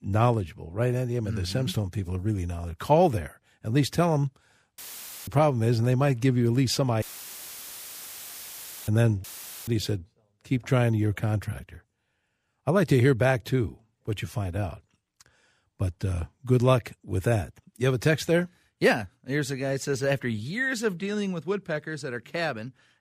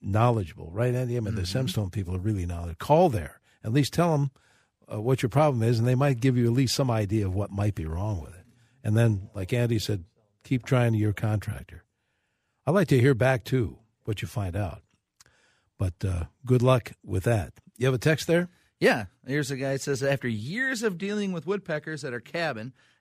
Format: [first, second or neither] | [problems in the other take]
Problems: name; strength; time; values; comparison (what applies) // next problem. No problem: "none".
second | audio cutting out; filled with static; at 5 s, at 7 s for 2 s and at 9 s